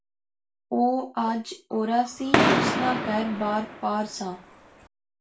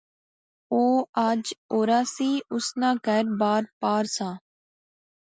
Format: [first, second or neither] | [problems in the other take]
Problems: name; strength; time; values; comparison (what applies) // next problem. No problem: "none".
second | background sound (Fireworks); 1 dB above the speech // room echo; dies away in 0.3 s